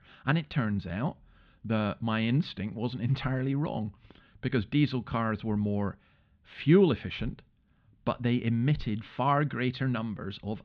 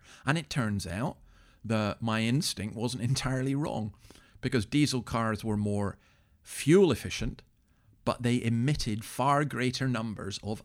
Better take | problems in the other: second | muffled; slightly; fading above 3.5 kHz

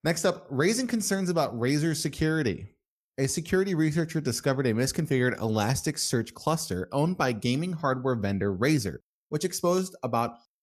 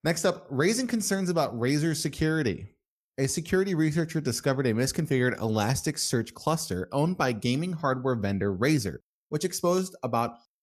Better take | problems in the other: neither | none

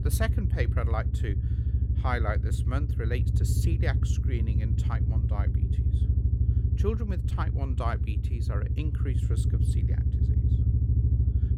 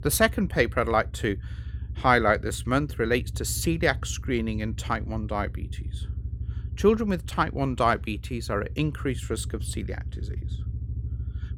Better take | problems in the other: second | low rumble; loud; throughout; 5 dB below the speech; faint in the second

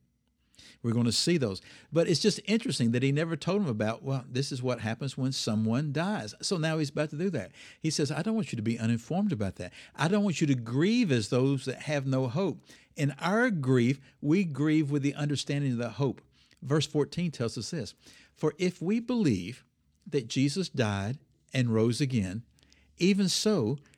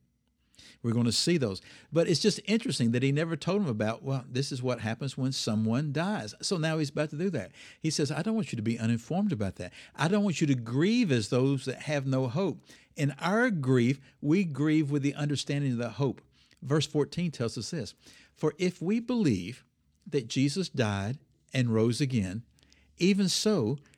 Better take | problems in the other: neither | none

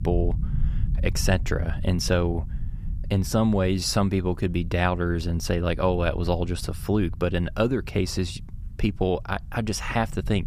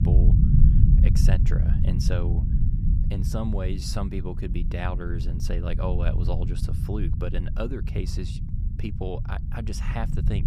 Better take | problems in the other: first | low rumble; loud; throughout; 3 dB below the speech; faint in the first

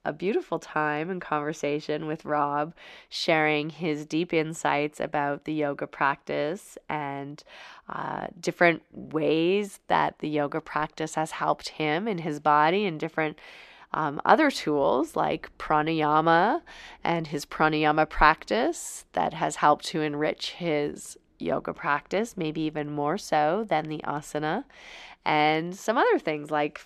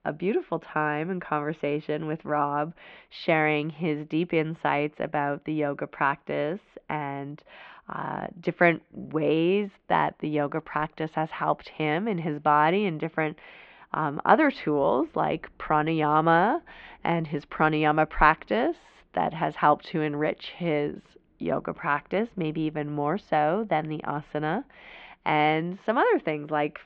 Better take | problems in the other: first | muffled; slightly; fading above 3 kHz

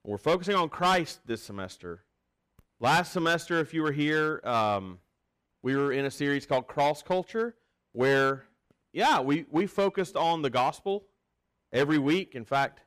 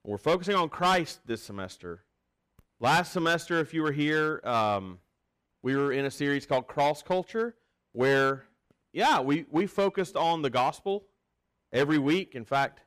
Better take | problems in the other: neither | distortion; slight; 5% of the sound clipped; the same in both

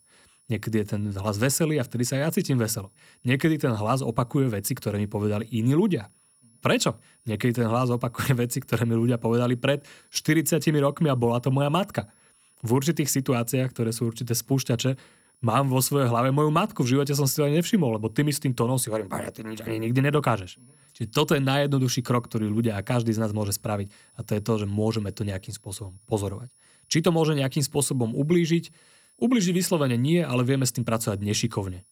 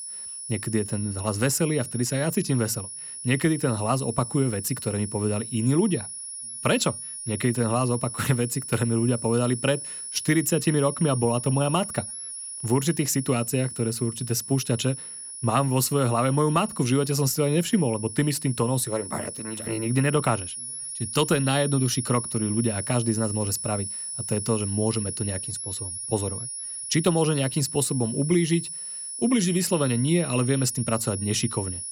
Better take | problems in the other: first | high-pitched whine; loud; throughout; 10.5 kHz, 7 dB below the speech; faint in the first

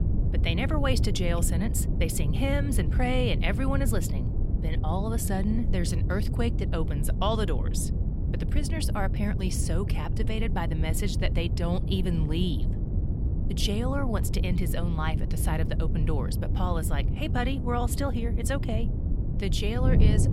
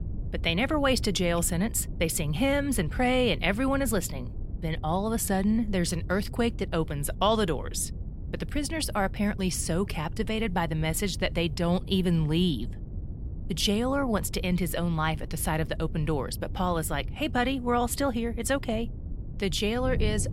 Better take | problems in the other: second | wind noise on the microphone; heavy; 8 dB below the speech; occasional gusts in the second

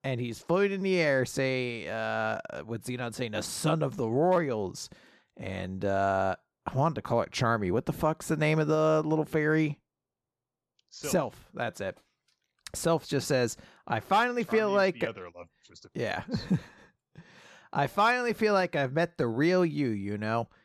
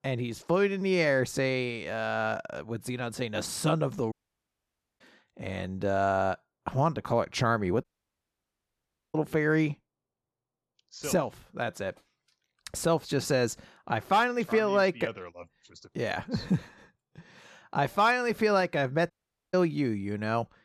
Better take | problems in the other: first | audio cutting out; at 4 s for 1 s, at 8 s for 1.5 s and at 19 s

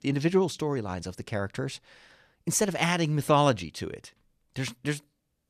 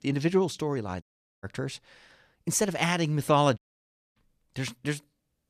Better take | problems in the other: first | audio cutting out; at 1 s and at 3.5 s for 0.5 s

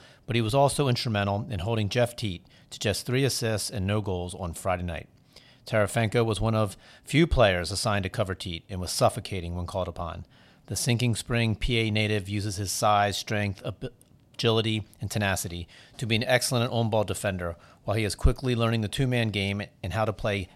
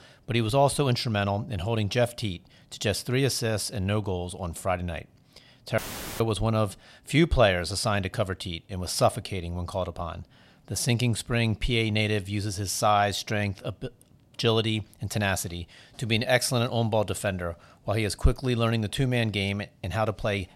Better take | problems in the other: first | audio cutting out; filled with static; at 6 s

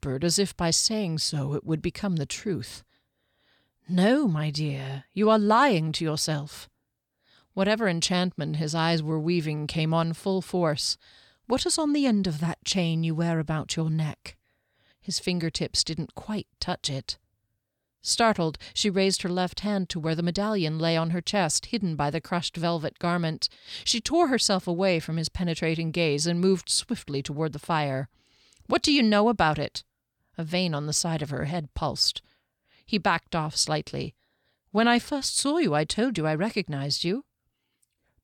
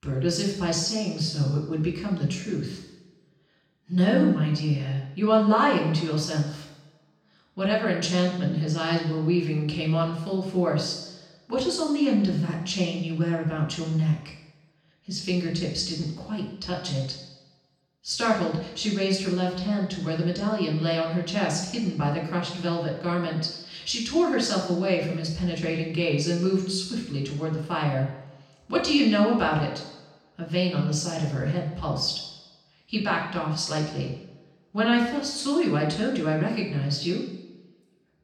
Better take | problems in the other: first | room echo; noticeable; dies away in 0.9 s // off-mic speech; far

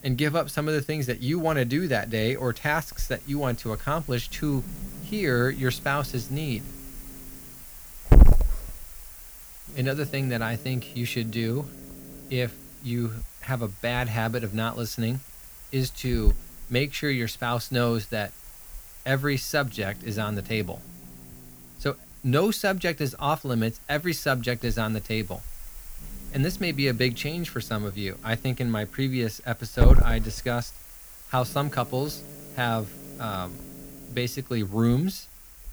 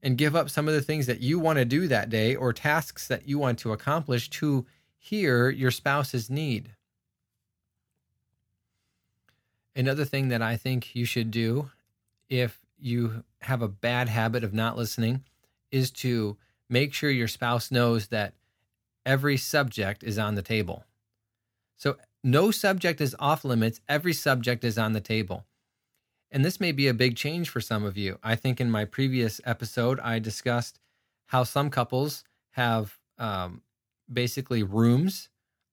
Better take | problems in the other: second | hiss; loud; throughout; 5 dB below the speech

